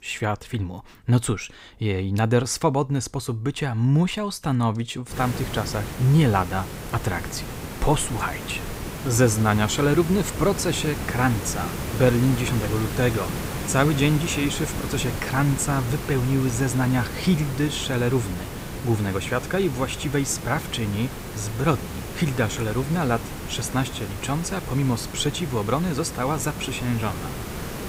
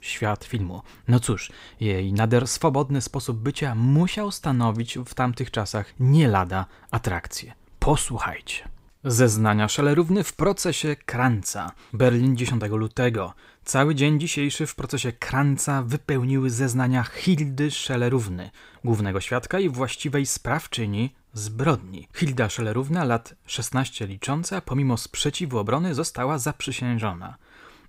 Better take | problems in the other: second | hiss; loud; from 5 s on; 8 dB below the speech

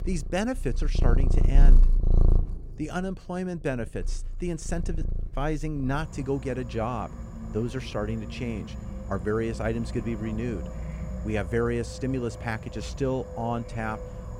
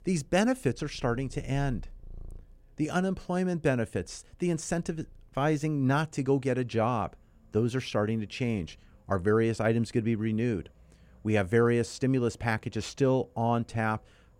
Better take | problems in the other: second | animal sounds; loud; throughout; as loud as the speech; faint in the second

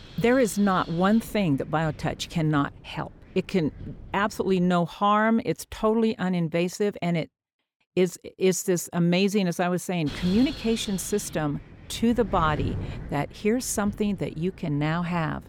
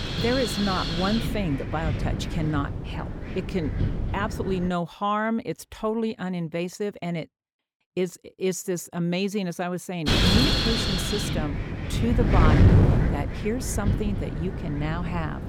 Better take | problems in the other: first | wind noise on the microphone; heavy; until 4.5 s and from 10 s on; 2 dB above the speech; occasional gusts in the first

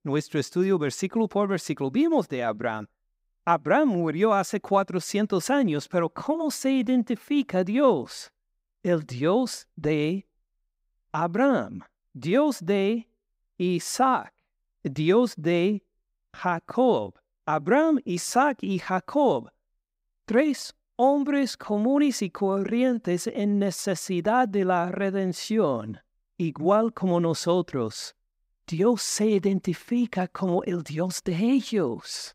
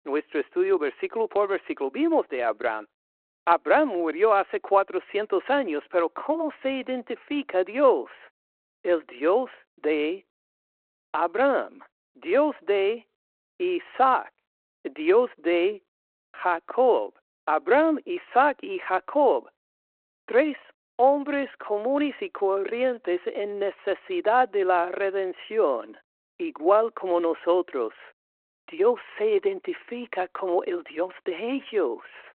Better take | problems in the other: first | phone-call audio

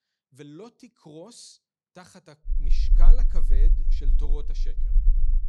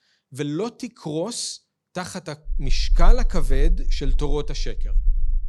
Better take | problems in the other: second | low rumble; loud; from 2.5 s on; 7 dB below the speech; faint in the second

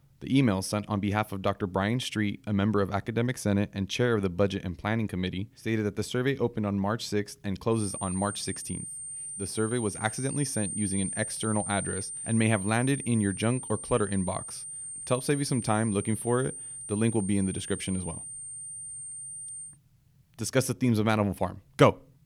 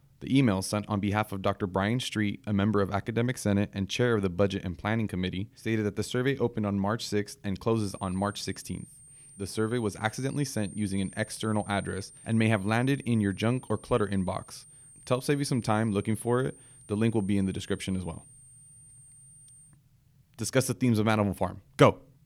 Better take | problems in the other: second | high-pitched whine; loud; from 8 to 20 s; 9 kHz, 7 dB below the speech; faint in the second

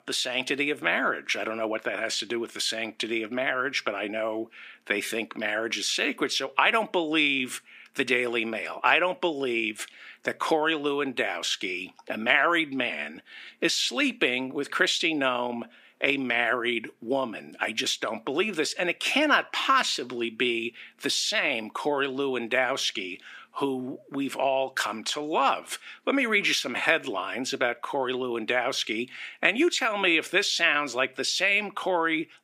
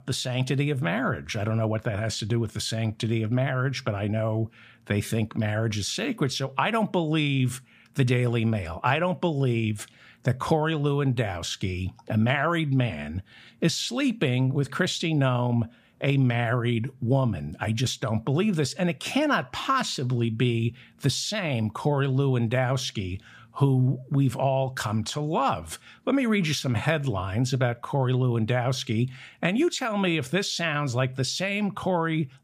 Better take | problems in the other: second | thin; somewhat; fading below 300 Hz

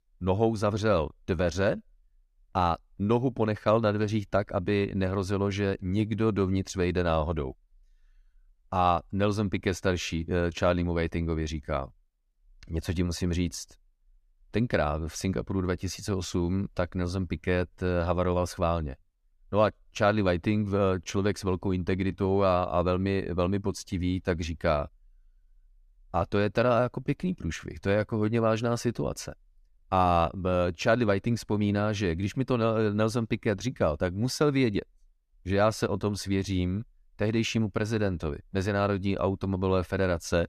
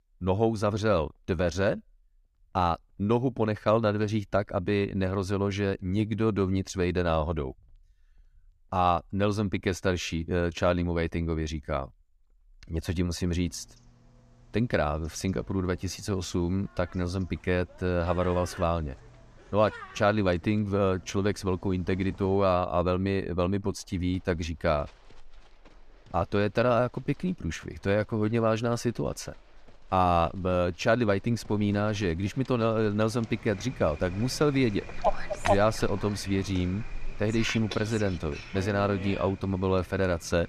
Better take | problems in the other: first | animal sounds; noticeable; throughout; 10 dB below the speech

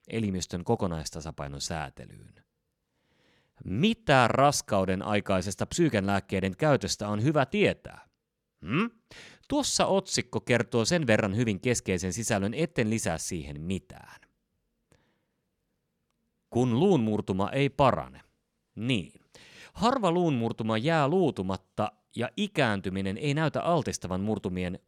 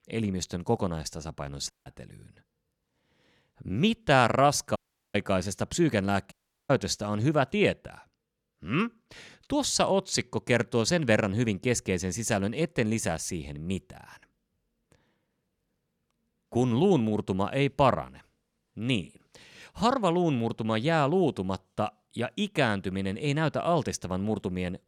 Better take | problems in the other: first | audio cutting out; at 1.5 s, at 5 s and at 6.5 s

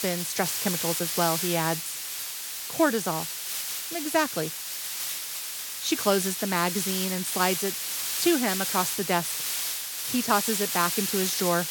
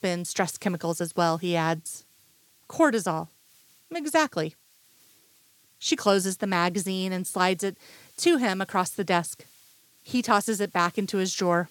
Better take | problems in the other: second | hiss; loud; throughout; 1 dB below the speech; faint in the second

